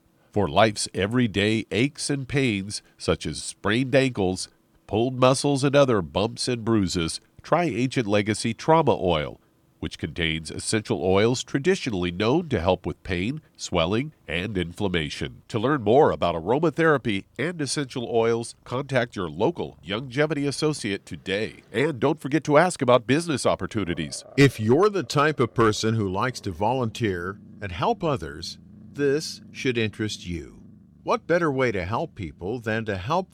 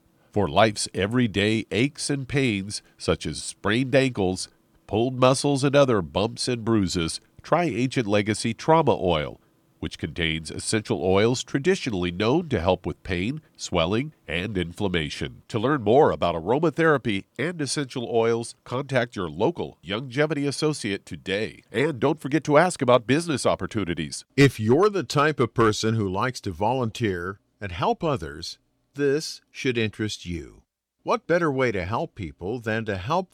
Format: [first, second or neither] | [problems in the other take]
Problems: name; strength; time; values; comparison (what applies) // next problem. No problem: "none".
second | animal sounds; faint; throughout; 30 dB below the speech